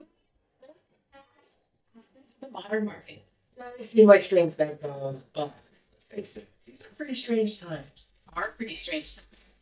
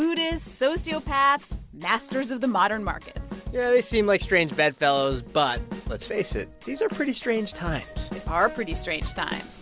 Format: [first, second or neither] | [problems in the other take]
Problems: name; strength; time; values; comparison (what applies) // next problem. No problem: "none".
second | noise reduction (neural mask model DeepFilterNet 3)